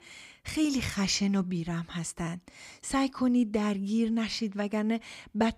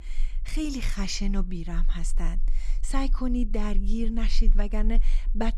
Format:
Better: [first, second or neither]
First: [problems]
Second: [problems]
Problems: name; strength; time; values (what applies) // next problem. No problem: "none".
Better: first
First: none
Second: low rumble; faint; throughout; 25 dB below the speech